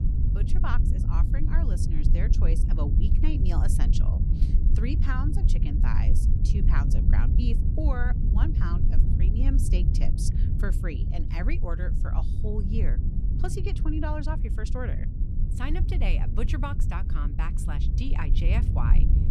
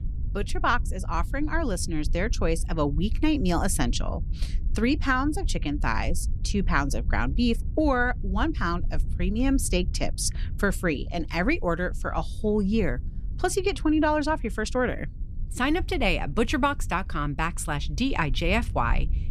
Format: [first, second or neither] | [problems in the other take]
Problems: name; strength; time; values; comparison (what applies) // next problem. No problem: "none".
second | low rumble; loud; throughout; 4 dB below the speech; faint in the second